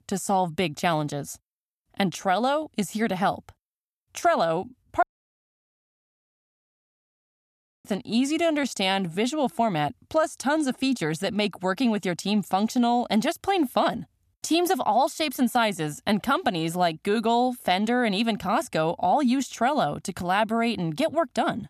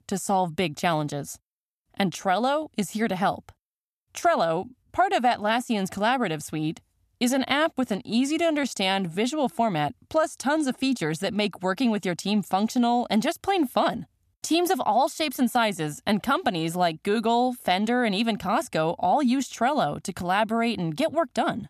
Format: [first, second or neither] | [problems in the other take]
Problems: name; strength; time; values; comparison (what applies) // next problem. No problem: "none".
second | audio cutting out; at 5 s for 3 s